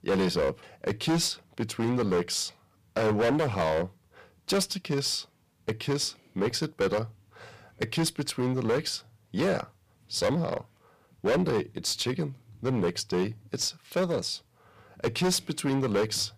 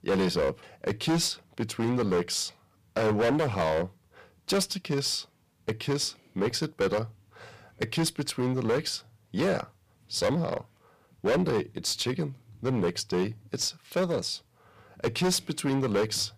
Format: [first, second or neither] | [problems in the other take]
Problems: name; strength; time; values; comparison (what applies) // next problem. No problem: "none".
neither | distortion; heavy; 11% of the sound clipped; the same in both